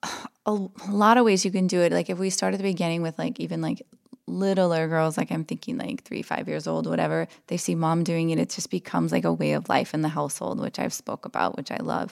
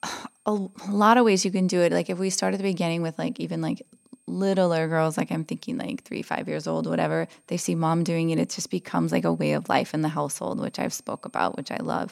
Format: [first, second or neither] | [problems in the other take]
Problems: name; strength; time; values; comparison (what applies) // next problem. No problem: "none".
first | high-pitched whine; faint; throughout; 8.5 kHz, 35 dB below the speech